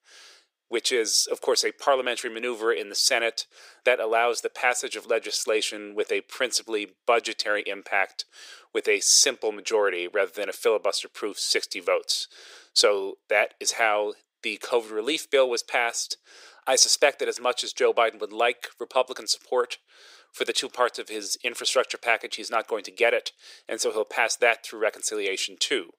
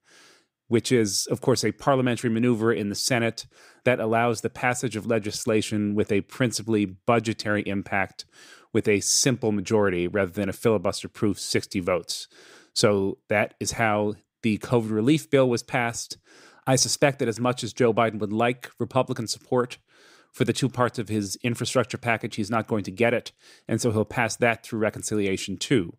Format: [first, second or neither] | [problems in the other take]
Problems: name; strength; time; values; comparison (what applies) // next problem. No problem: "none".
second | thin; very; fading below 450 Hz